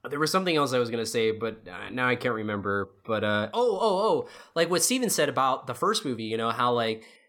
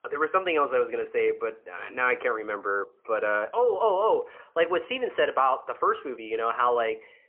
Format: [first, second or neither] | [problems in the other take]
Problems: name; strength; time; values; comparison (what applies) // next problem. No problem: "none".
first | phone-call audio; poor line; nothing above 3 kHz